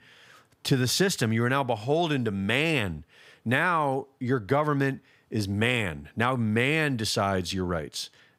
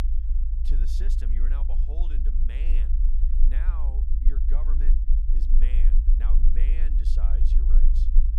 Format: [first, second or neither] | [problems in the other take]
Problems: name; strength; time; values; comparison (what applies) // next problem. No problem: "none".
first | low rumble; loud; throughout; 1 dB below the speech